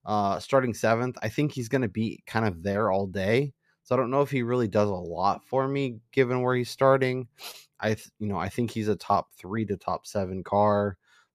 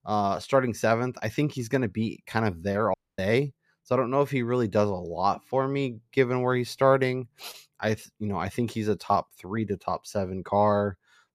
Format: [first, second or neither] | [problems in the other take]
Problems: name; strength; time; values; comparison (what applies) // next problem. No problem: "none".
first | audio cutting out; at 3 s